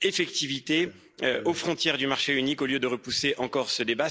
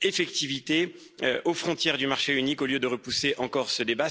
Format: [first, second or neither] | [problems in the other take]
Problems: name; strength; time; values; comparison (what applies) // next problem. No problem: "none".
second | noise reduction (neural mask model Resemble Enhance denoiser)